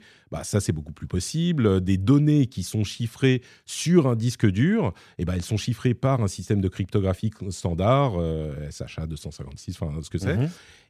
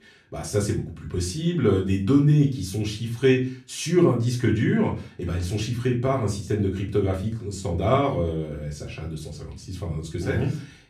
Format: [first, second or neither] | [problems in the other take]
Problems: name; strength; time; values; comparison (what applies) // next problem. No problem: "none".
first | off-mic speech; far // room echo; slight; dies away in 0.3 s